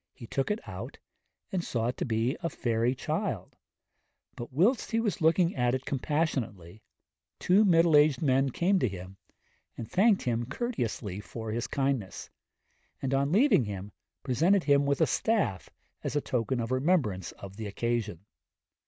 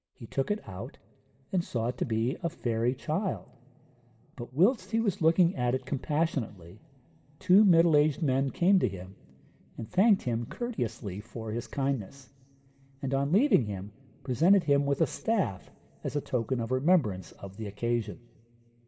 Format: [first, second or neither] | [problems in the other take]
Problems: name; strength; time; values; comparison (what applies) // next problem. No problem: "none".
first | room echo; dies away in 2 s